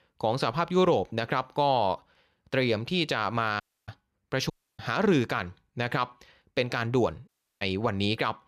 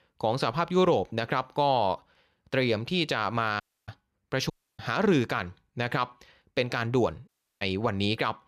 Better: neither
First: audio cutting out; at 3.5 s, at 4.5 s and at 7.5 s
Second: audio cutting out; at 3.5 s, at 4.5 s and at 7.5 s

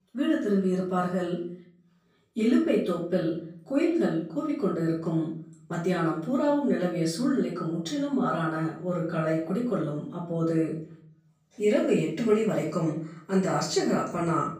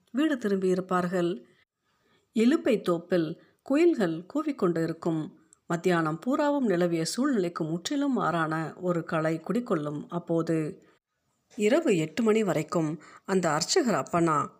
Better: second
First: off-mic speech; far // room echo; noticeable; dies away in 0.5 s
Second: none

